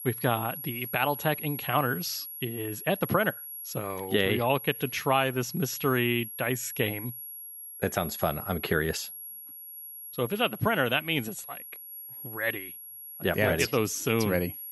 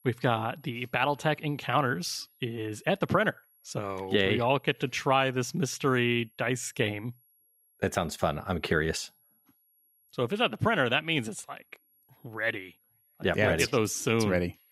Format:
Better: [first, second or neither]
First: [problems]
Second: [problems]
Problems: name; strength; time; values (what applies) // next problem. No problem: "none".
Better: second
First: high-pitched whine; loud; throughout; 11.5 kHz, 10 dB below the speech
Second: high-pitched whine; faint; throughout; 11.5 kHz, 35 dB below the speech